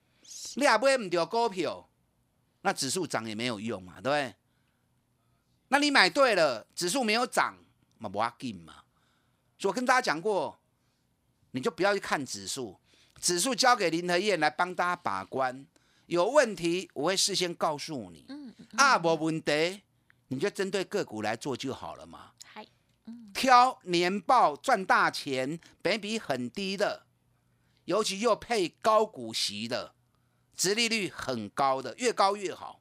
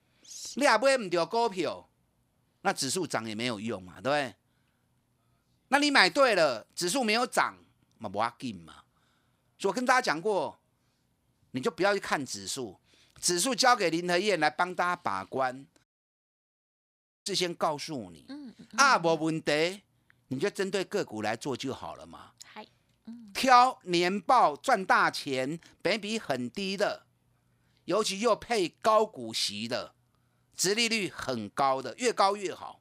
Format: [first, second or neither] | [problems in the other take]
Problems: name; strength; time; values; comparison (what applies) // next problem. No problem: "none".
first | audio cutting out; at 16 s for 1.5 s